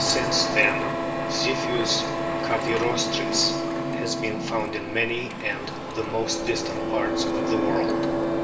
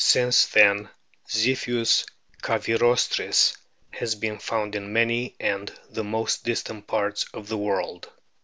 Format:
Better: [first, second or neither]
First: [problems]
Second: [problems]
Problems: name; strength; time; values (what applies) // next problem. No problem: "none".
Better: second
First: background sound (Printer); 1 dB above the speech // room echo; dies away in 0.8 s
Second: none